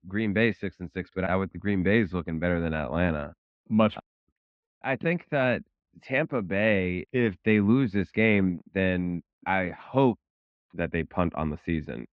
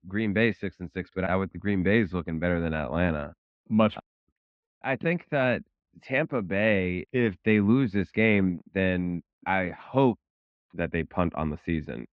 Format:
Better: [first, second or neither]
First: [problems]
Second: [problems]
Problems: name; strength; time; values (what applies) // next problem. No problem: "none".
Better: neither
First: muffled; very; fading above 3 kHz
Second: muffled; very; fading above 3 kHz